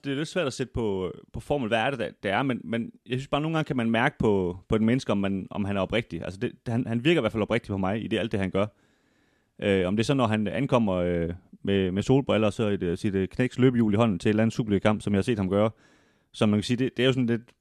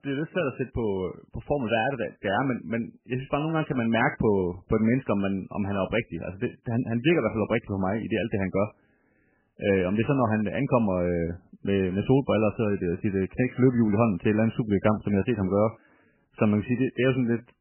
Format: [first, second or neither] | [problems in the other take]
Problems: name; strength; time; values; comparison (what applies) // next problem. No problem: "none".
first | garbled, watery; badly; nothing above 3 kHz